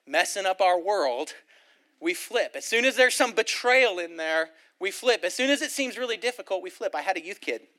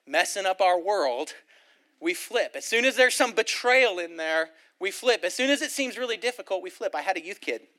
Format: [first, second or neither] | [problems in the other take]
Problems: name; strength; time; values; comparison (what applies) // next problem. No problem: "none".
neither | thin; very slightly; fading below 250 Hz; the same in both